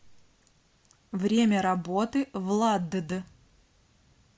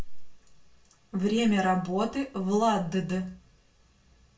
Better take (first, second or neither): first